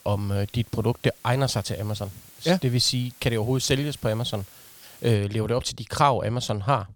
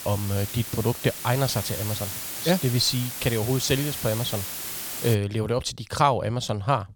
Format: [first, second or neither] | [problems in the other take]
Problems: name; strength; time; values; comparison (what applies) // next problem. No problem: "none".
first | hiss; loud; until 5 s; 6 dB below the speech; faint in the first